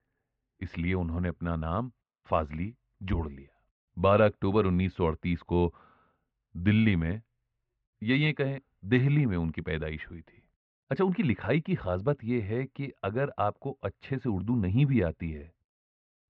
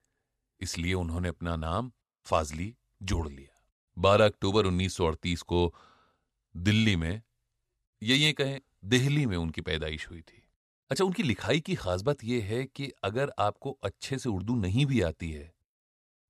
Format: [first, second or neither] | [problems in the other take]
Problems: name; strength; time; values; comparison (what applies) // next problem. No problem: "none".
second | muffled; very; fading above 2.5 kHz